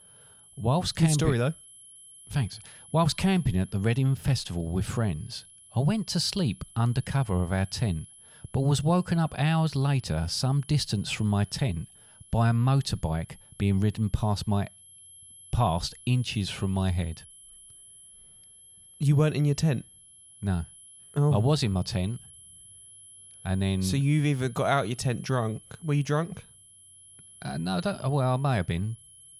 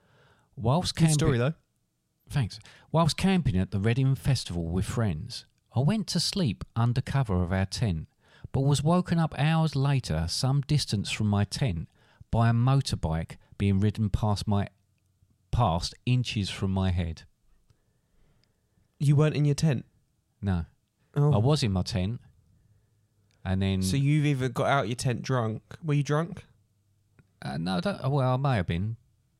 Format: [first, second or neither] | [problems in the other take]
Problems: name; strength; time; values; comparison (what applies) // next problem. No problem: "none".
second | high-pitched whine; faint; throughout; 11 kHz, 20 dB below the speech